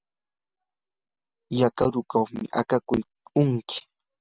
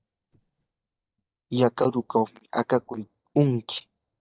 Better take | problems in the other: first | noise reduction (neural mask model DeepFilterNet 3)

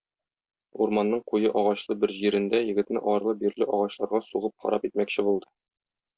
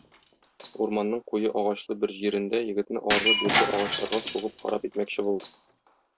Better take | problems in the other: first | background sound (Shatter); 3 dB below the speech

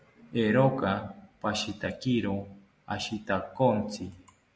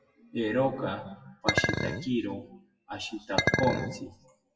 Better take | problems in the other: first | noise reduction (classical method WPE with log-MMSE)

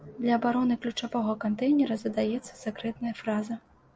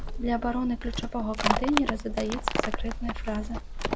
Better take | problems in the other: first | background sound (Livestock, farm animals, working animals); as loud as the speech

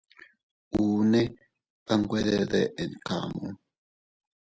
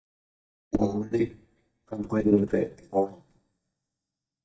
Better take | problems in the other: first | noise reduction (neural mask model DeepFilterNet 3)

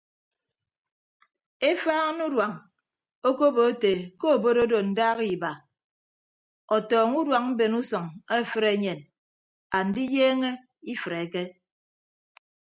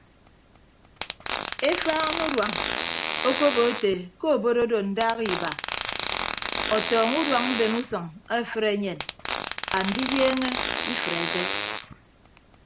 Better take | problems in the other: first | background sound (Fart); 4 dB below the speech

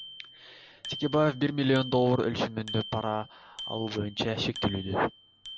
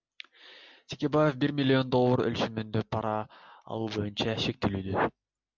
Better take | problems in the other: second | background sound (Bicycle bell); 15 dB below the speech

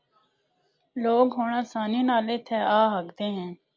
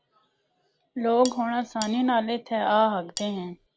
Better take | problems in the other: first | background sound (Cutlery, silverware); 14 dB below the speech

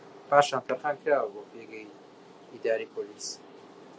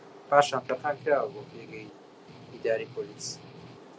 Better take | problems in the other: first | background sound (Strum); 19 dB below the speech

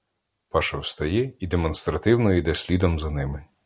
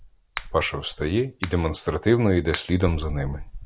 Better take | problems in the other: first | background sound (Insect + Finger snapping); 13 dB below the speech

